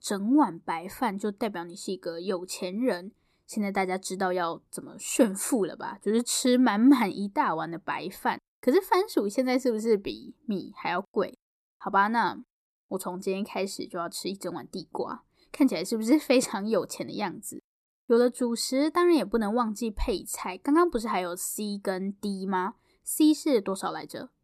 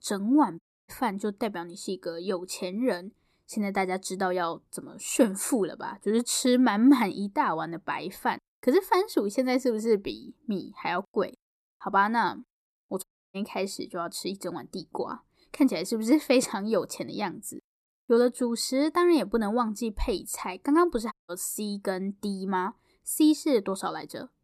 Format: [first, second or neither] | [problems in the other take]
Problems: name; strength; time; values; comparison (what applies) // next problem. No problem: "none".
first | audio cutting out; at 0.5 s, at 13 s and at 21 s